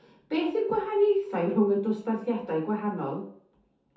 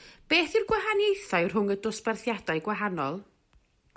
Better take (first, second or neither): second